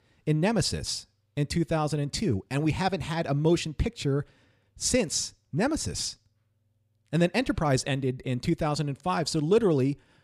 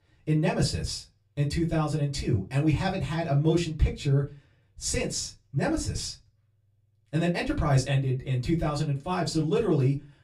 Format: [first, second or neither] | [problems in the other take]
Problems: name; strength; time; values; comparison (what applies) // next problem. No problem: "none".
first | off-mic speech; far // room echo; very slight; dies away in 0.2 s